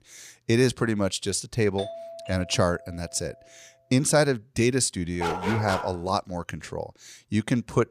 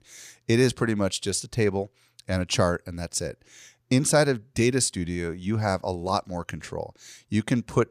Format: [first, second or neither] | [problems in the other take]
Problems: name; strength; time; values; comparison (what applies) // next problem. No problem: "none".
second | doorbell; faint; from 2 to 3.5 s; peak 10 dB below the speech // dog barking; noticeable; at 5 s; peak 4 dB below the speech